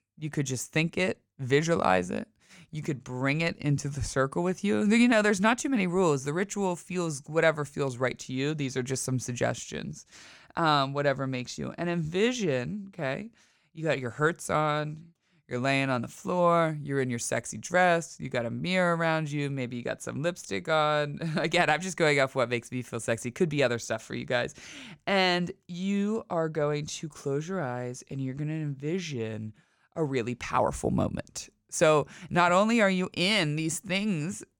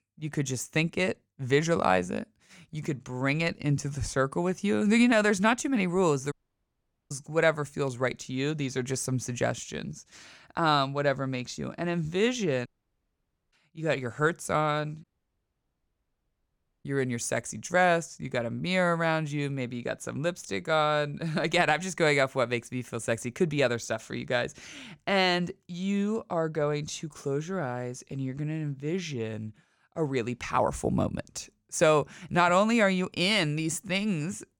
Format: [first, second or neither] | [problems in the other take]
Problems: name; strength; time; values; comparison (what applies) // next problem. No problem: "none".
first | audio cutting out; at 6.5 s for 1 s, at 13 s for 1 s and at 15 s for 2 s